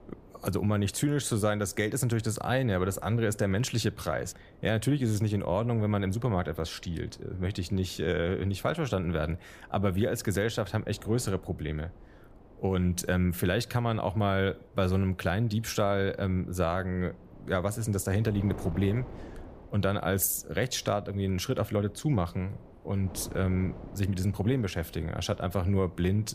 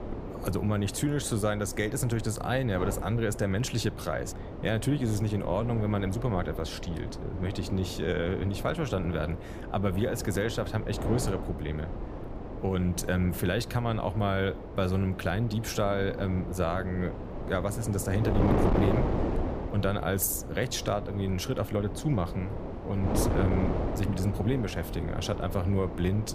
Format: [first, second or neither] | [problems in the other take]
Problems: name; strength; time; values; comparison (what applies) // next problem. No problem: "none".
first | wind noise on the microphone; heavy; 6 dB below the speech; occasional gusts in the first